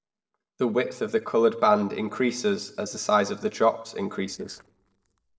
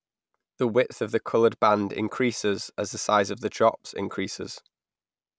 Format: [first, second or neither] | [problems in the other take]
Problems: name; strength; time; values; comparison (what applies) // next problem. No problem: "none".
second | noise reduction (neural separator model SepFormer DNS4)